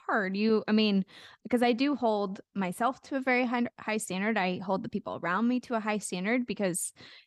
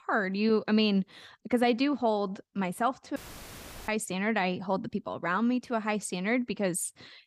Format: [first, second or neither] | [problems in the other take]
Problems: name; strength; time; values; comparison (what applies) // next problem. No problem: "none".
first | audio cutting out; filled with static; at 3 s for 0.5 s